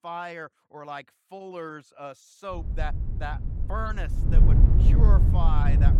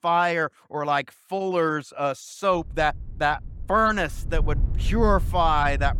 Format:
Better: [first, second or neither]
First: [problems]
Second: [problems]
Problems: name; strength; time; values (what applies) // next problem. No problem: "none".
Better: second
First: wind noise on the microphone; heavy; from 2.5 s on; 3 dB below the speech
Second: wind noise on the microphone; occasional gusts; from 2.5 s on; 25 dB below the speech